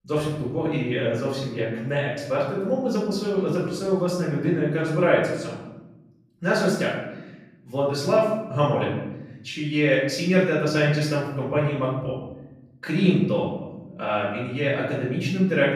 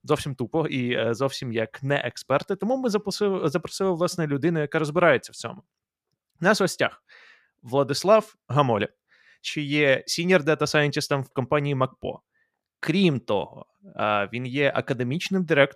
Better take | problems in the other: second | off-mic speech; far // room echo; noticeable; dies away in 1 s

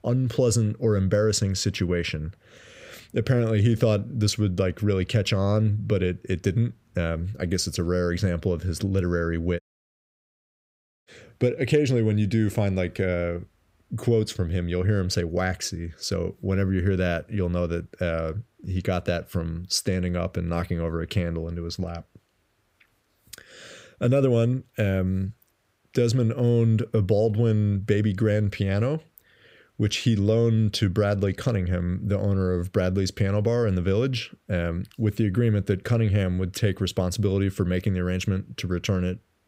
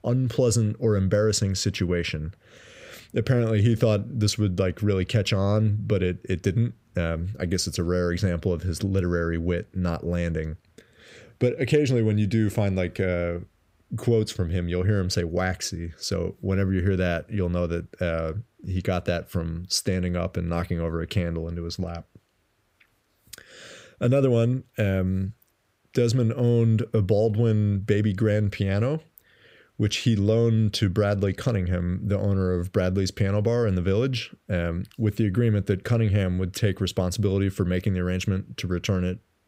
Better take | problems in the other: second | audio cutting out; at 9.5 s for 1.5 s

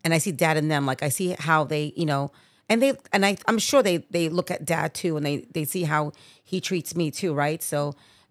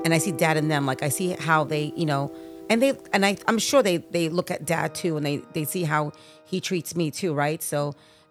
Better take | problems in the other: first | background music; noticeable; throughout; 15 dB below the speech

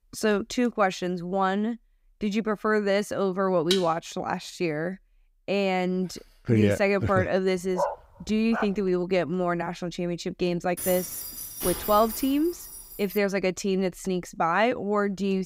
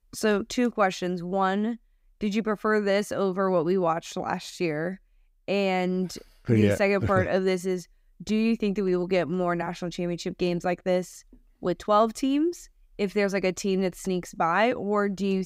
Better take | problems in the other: second | clattering dishes; noticeable; at 3.5 s; peak 3 dB below the speech // dog barking; noticeable; at 8 s; peak 4 dB below the speech // jangling keys; noticeable; from 11 to 13 s; peak 4 dB below the speech

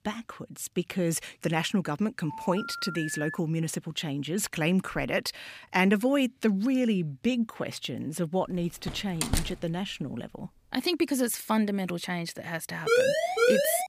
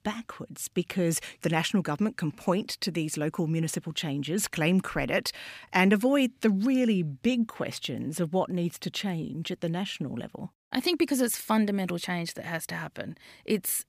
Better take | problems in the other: second | phone ringing; noticeable; from 2.5 to 3.5 s; peak 6 dB below the speech // door banging; noticeable; at 9 s; peak 1 dB below the speech // siren; loud; from 13 s on; peak 6 dB above the speech

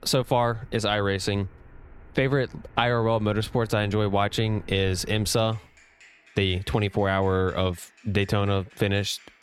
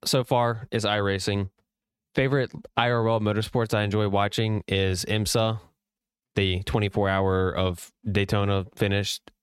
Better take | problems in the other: second | traffic noise; faint; throughout; 25 dB below the speech

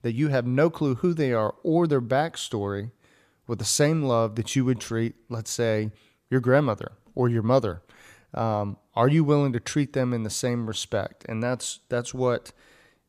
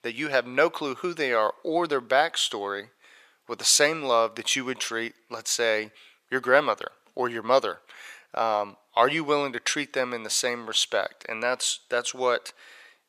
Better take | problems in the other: first | thin; very; fading below 550 Hz

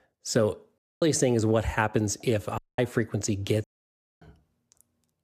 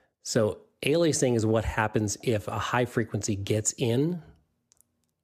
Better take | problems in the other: second | audio cutting out; at 1 s, at 2.5 s and at 3.5 s for 0.5 s

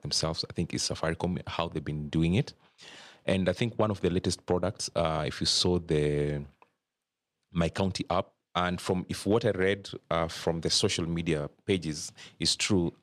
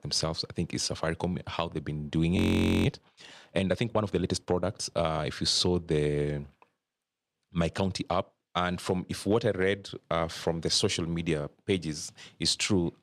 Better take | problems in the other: first | audio freezing; at 2.5 s

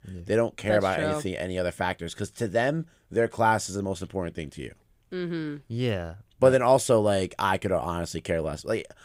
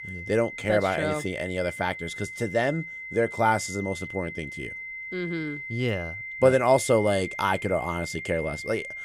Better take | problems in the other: first | high-pitched whine; loud; throughout; 2 kHz, 9 dB below the speech

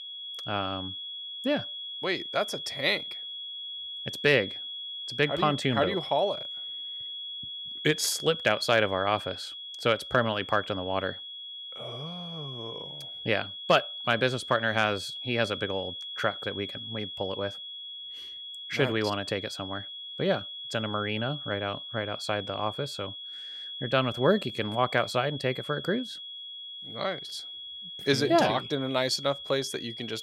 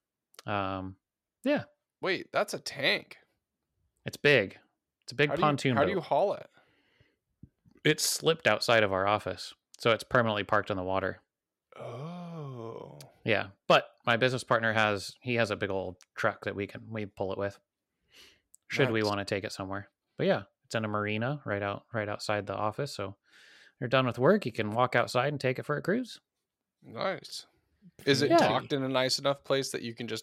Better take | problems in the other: second | high-pitched whine; loud; throughout; 3.5 kHz, 8 dB below the speech

